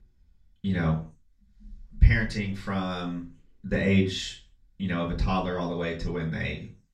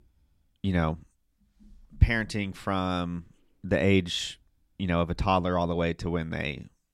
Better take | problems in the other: second | room echo; slight; dies away in 0.3 s // off-mic speech; far

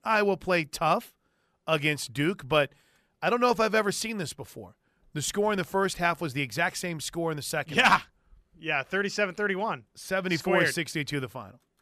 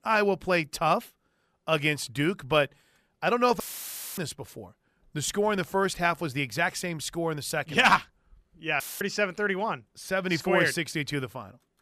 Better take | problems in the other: first | audio cutting out; filled with static; at 3.5 s for 0.5 s and at 9 s

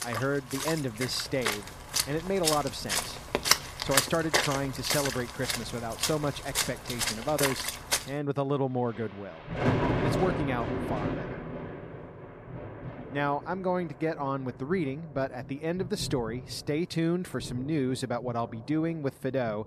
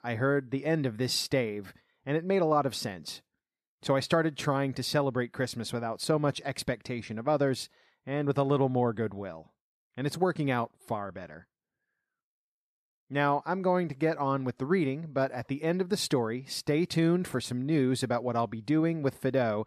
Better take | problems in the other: second | rain or running water; very loud; throughout; 1 dB above the speech

